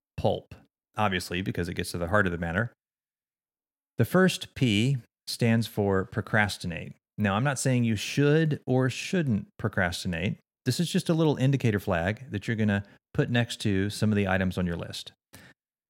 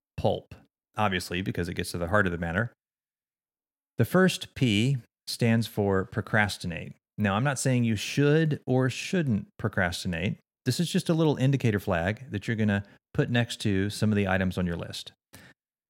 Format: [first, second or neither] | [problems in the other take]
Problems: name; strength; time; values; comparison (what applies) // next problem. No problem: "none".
neither | none